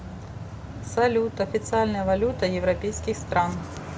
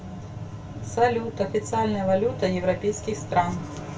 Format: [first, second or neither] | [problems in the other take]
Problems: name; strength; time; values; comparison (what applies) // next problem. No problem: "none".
first | room echo; dies away in 0.2 s